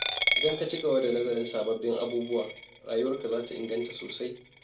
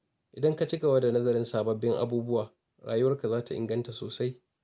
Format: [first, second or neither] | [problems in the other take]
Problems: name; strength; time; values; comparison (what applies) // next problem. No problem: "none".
second | background sound (Coin (dropping)); 5 dB below the speech // room echo; dies away in 0.2 s